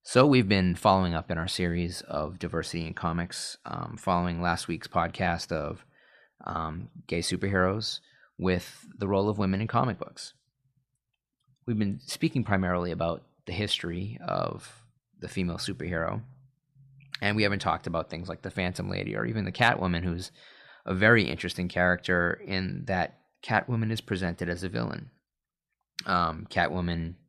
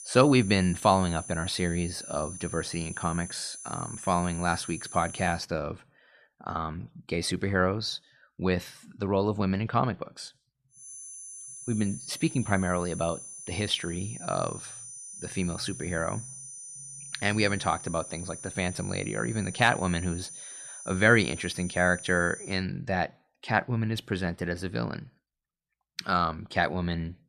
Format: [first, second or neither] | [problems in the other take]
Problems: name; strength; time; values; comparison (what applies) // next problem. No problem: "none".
first | high-pitched whine; noticeable; until 5.5 s and from 11 to 23 s; 9.5 kHz, 10 dB below the speech